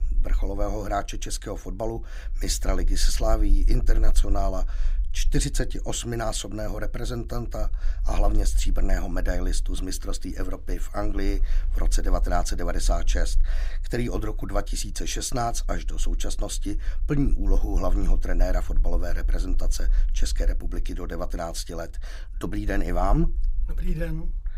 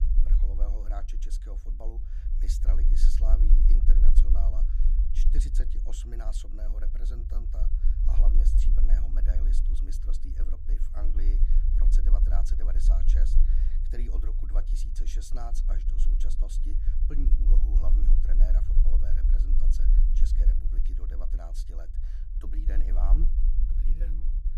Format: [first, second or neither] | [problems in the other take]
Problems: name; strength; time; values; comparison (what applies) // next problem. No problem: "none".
first | low rumble; loud; throughout; 3 dB below the speech; faint in the first